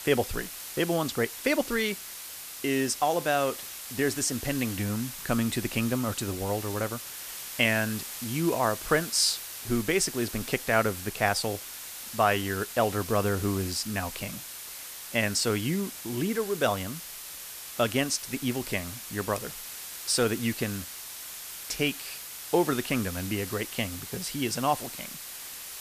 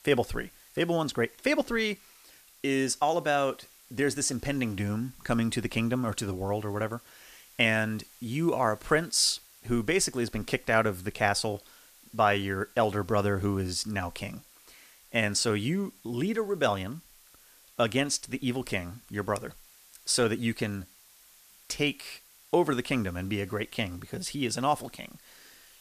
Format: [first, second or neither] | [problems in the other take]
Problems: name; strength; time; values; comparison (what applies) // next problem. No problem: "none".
second | hiss; loud; throughout; 9 dB below the speech; faint in the second